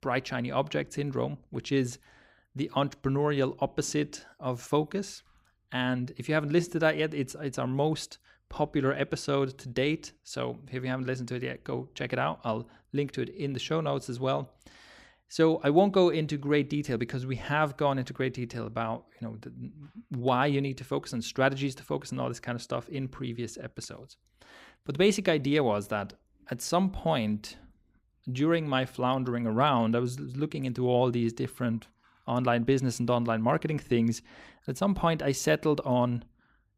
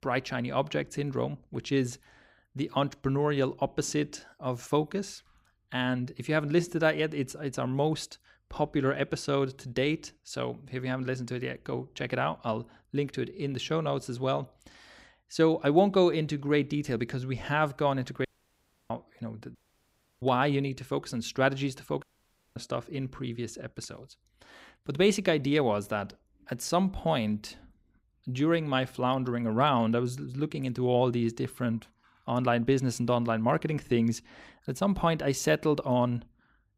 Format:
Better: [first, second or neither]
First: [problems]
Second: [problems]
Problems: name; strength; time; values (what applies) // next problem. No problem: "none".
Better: first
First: none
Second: audio cutting out; at 18 s for 0.5 s, at 20 s for 0.5 s and at 22 s for 0.5 s